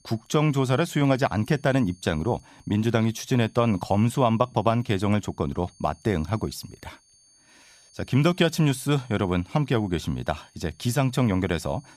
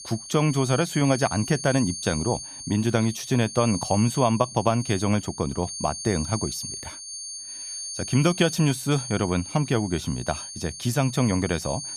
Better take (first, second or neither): first